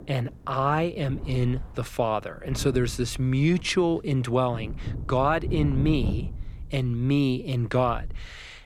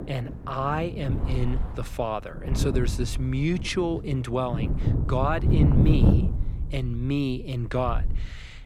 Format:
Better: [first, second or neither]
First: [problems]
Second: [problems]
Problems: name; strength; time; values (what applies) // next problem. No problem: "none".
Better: first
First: wind noise on the microphone; occasional gusts; 20 dB below the speech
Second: wind noise on the microphone; heavy; 6 dB below the speech